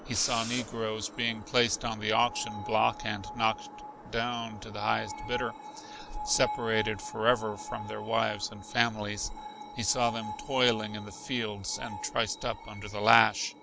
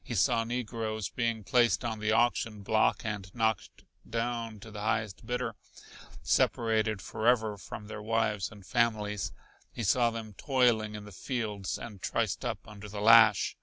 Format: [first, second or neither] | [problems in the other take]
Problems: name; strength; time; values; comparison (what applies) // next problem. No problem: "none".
second | background sound (Screech); 12 dB below the speech